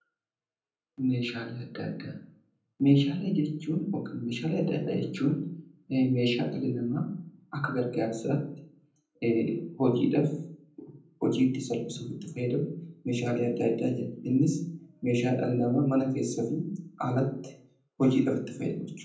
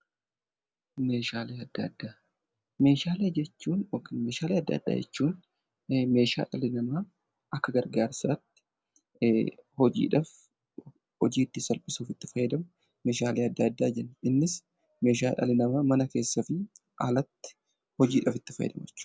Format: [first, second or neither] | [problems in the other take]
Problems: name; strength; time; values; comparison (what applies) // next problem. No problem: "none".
second | room echo; dies away in 0.6 s